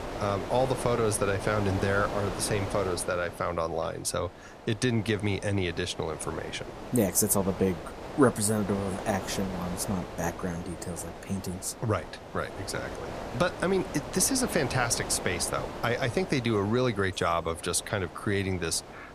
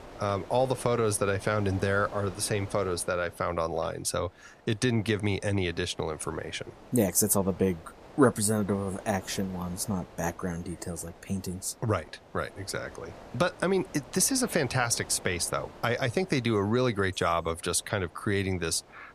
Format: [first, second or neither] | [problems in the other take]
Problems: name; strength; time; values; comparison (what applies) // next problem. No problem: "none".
second | wind noise on the microphone; heavy; 9 dB below the speech; occasional gusts in the second